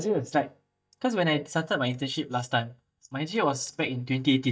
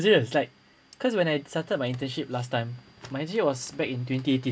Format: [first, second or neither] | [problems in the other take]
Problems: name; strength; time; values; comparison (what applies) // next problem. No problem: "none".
second | noise reduction (neural mask model DeepFilterNet 3)